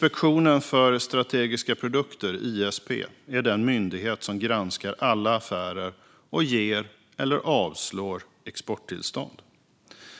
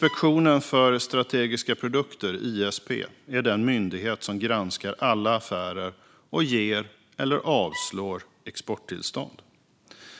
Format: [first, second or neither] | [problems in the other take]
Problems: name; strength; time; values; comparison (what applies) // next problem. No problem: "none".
first | background sound (Bowed string instrument); 16 dB below the speech